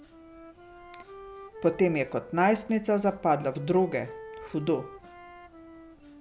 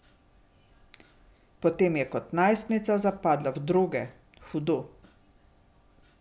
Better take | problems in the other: second | background sound (Wind instrument, woodwind instrument); 17 dB below the speech

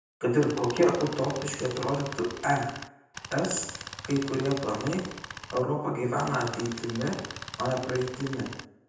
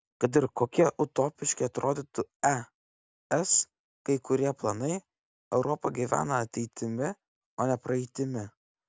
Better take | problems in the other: second | background sound (Tools); 11 dB below the speech // room echo; dies away in 0.9 s

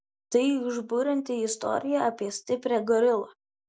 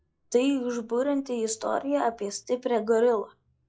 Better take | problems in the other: first | noise reduction (classical method log-MMSE)

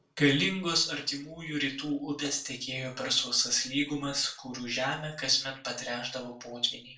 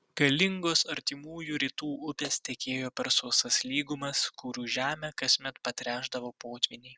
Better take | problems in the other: second | room echo; dies away in 0.3 s

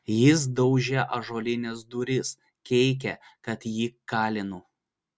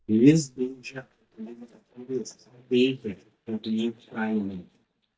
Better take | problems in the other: first | noise reduction (neural mask model DeepFilterNet 3)

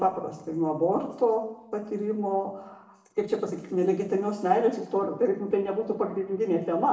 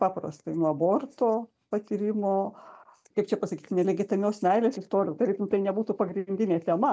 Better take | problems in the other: second | room echo; dies away in 0.8 s

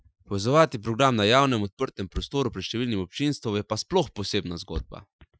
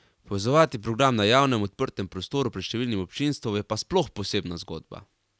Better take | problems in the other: second | noise reduction (classical method Wiener filter)

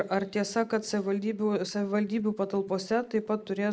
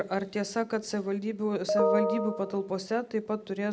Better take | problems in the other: second | noise reduction (neural mask model Resemble Enhance denoiser)

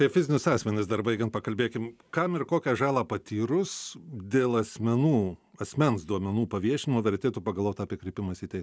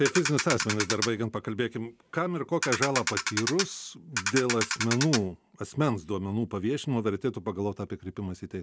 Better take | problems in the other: first | background sound (Ratchet, pawl); 2 dB below the speech

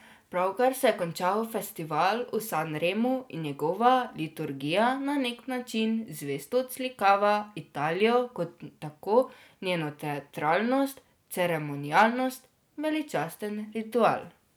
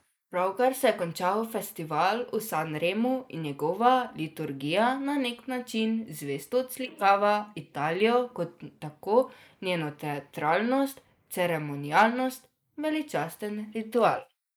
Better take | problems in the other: first | noise reduction (neural mask model Resemble Enhance denoiser)

